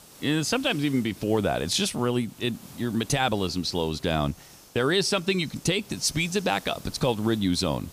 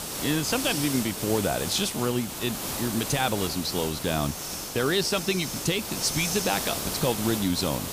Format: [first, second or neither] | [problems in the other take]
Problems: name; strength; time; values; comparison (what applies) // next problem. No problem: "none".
first | hiss; loud; throughout; 4 dB below the speech; faint in the first